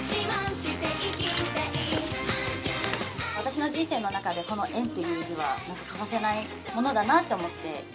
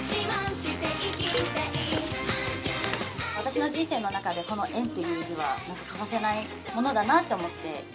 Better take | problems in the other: first | background sound (Cowbell); 12 dB below the speech

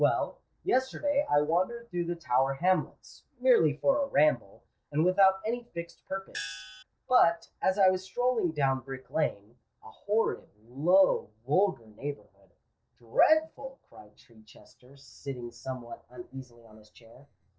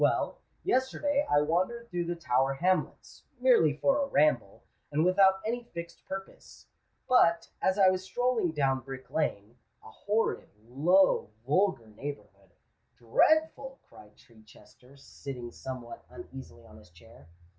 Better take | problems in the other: second | noise reduction (neural separator model SepFormer DNS4)

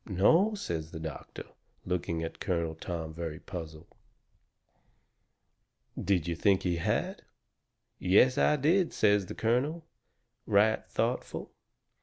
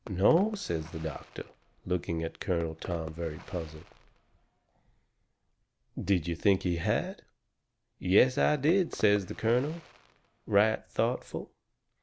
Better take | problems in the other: first | background sound (Fireworks); 19 dB below the speech

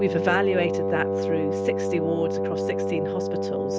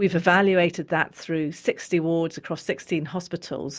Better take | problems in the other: second | background sound (Wind instrument, woodwind instrument); 3 dB above the speech

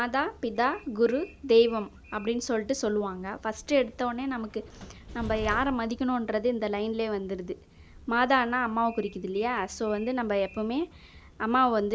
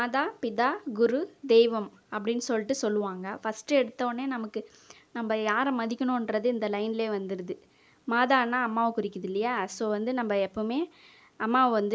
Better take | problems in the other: second | background sound (Train); 19 dB below the speech

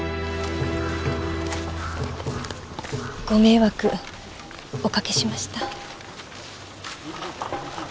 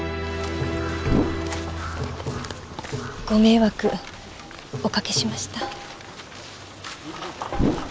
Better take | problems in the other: first | background sound (Whoosh, swoosh, swish); 3 dB above the speech

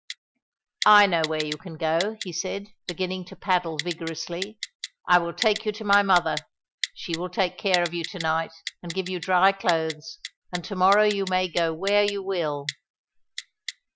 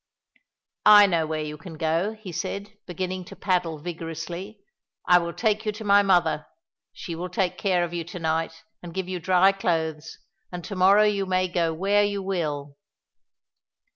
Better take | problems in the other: second | noise reduction (classical method Wiener filter)

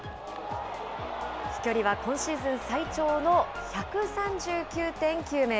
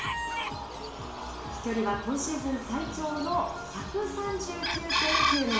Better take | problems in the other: first | background sound (Chicken, rooster); 1 dB below the speech // room echo; dies away in 0.7 s

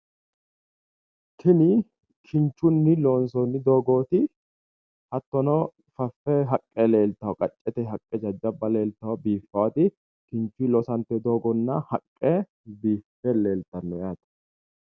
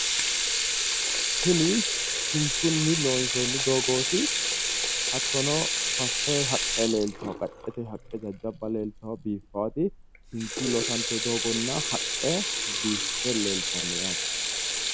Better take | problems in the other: first | background sound (Sink (filling or washing) / Water tap, faucet); 2 dB above the speech

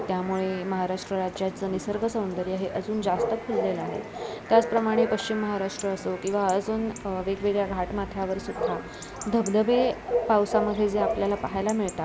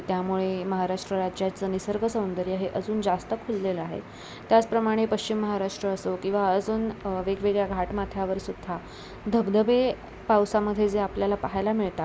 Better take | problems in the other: second | background sound (Bark / Chatter / Chirp, tweet / Livestock, farm animals, working animals); 7 dB below the speech

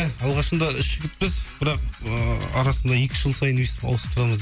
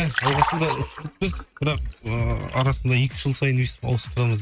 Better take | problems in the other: first | noise reduction (neural mask model RNNoise)

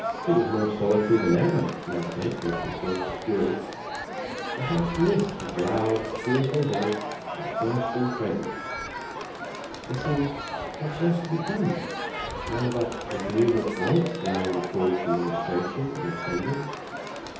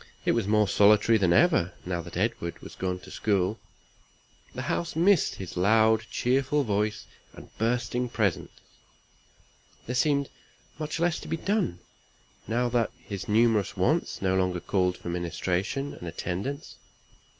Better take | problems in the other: second | background sound (Crowd); 6 dB below the speech // room echo; dies away in 0.7 s

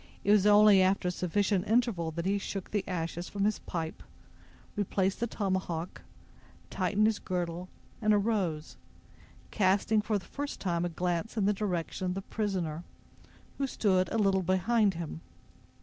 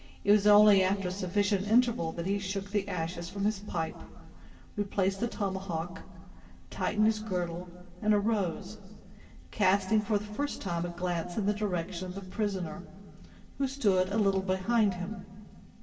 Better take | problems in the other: first | room echo; dies away in 1.6 s

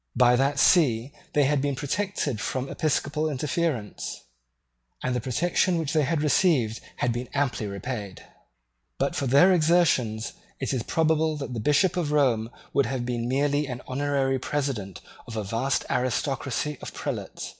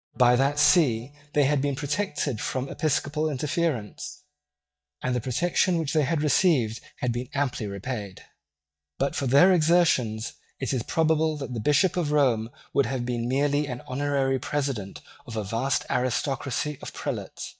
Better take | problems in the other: first | noise reduction (neural mask model DeepFilterNet 3)

